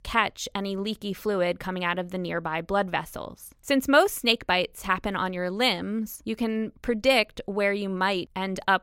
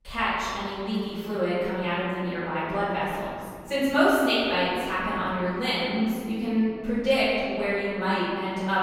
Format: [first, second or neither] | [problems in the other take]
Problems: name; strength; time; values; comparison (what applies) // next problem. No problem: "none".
first | off-mic speech; far // room echo; strong; dies away in 2.2 s